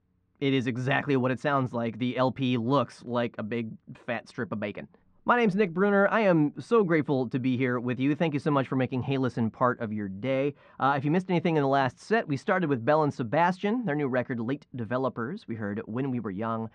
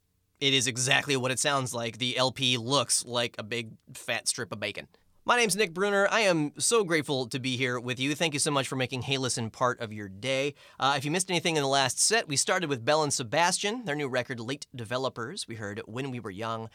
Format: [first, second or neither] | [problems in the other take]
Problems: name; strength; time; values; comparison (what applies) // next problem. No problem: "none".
second | muffled; very; fading above 1.5 kHz